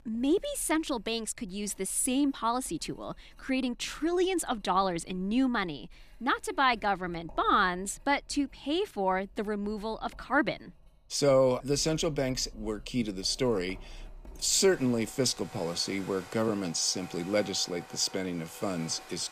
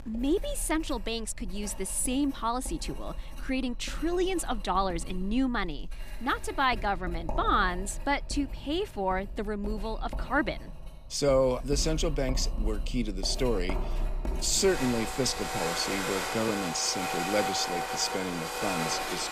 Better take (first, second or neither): first